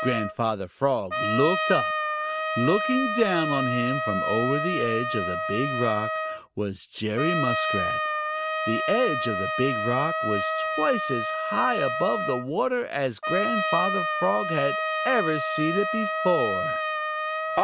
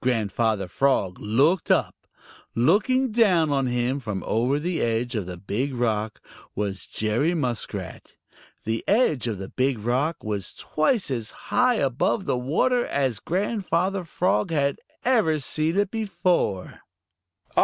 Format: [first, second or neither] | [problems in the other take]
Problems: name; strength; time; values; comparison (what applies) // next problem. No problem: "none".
second | background sound (Trumpet); 1 dB below the speech